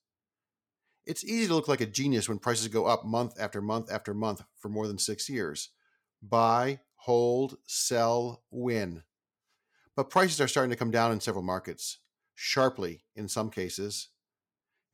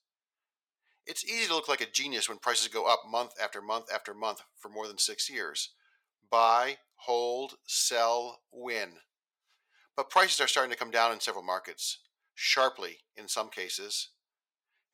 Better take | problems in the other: first | thin; very; fading below 750 Hz

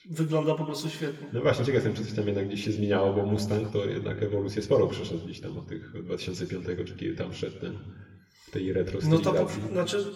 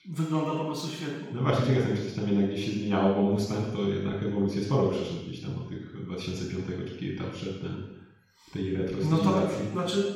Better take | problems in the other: first | room echo; strong; dies away in 0.9 s; slight in the first // off-mic speech; far; somewhat distant in the first

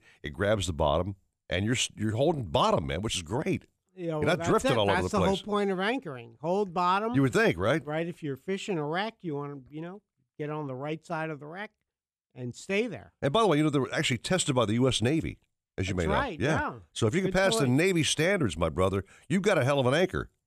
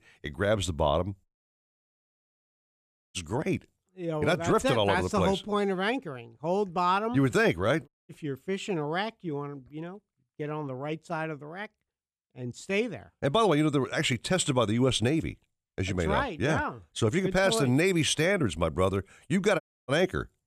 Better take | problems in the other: first | audio cutting out; at 1.5 s for 2 s, at 8 s and at 20 s

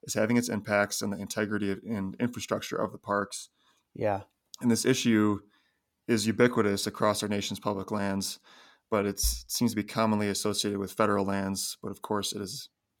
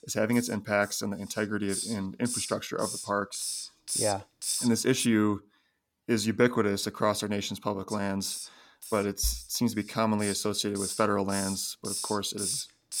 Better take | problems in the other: first | hiss; loud; until 5 s and from 8 s on; 5 dB below the speech

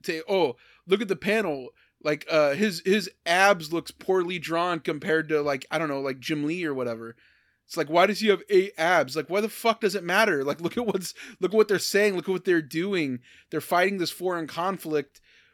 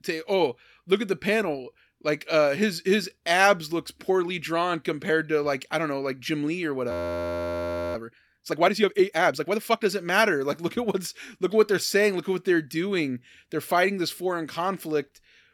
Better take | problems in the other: first | audio freezing; at 7 s for 1 s

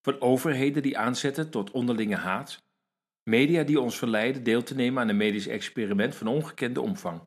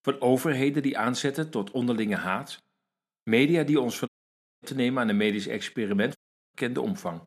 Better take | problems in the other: first | audio cutting out; at 4 s for 0.5 s and at 6 s

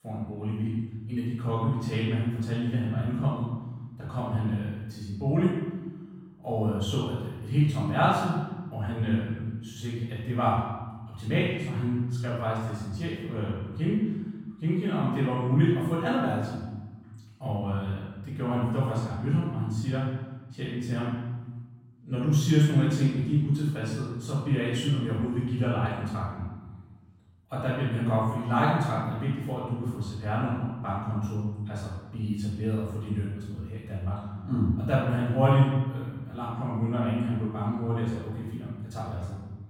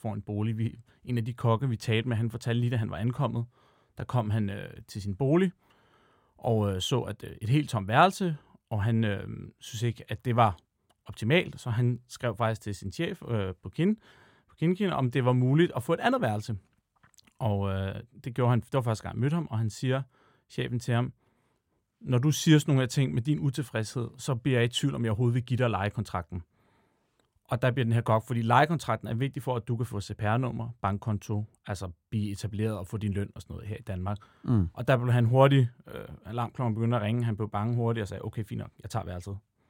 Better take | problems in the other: second | off-mic speech; far // room echo; strong; dies away in 1.2 s

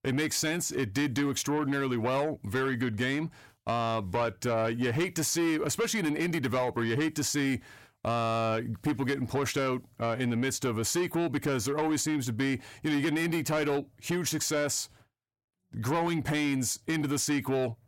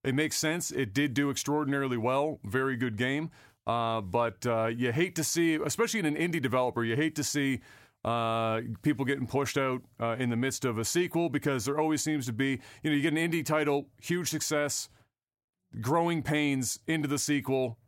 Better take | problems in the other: second | distortion; slight; 10 dB below the speech

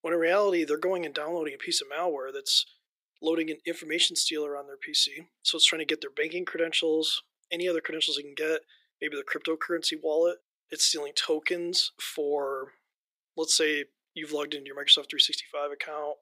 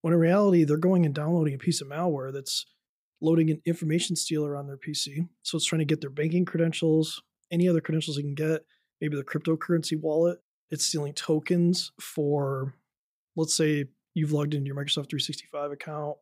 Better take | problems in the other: second | thin; very; fading below 350 Hz

